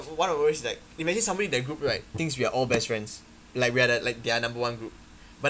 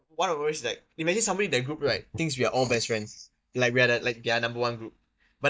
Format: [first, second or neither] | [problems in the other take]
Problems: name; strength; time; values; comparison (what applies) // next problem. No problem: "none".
first | noise reduction (neural mask model DeepFilterNet 3)